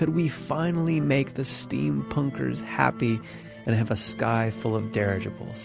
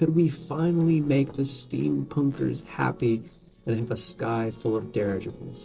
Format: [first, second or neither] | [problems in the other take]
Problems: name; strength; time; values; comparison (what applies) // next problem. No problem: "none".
first | noise reduction (neural separator model SepFormer DNS4)